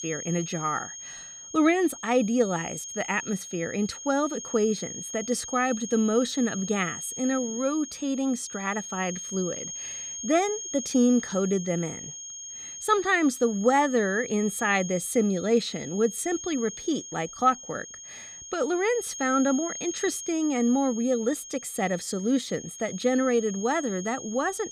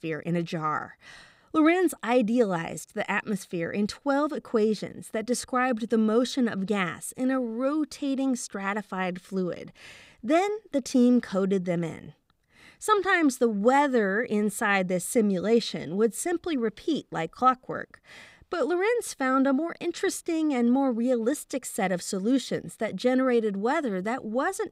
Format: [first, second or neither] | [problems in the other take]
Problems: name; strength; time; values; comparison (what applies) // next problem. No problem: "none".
second | high-pitched whine; loud; throughout; 6.5 kHz, 10 dB below the speech